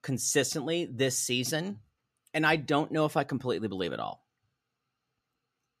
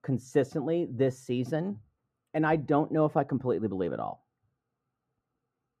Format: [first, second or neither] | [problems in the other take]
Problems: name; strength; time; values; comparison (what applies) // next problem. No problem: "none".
first | muffled; very; fading above 2 kHz